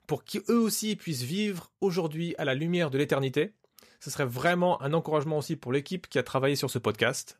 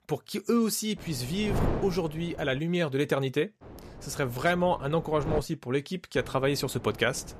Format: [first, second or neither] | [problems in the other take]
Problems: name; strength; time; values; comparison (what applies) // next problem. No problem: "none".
first | wind noise on the microphone; occasional gusts; from 1 to 2.5 s, from 3.5 to 5.5 s and from 6 s on; 10 dB below the speech